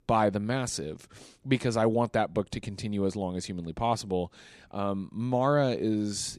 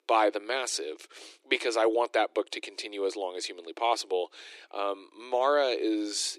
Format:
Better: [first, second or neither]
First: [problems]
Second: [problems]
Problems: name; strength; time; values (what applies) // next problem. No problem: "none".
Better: first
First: none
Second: thin; very; fading below 300 Hz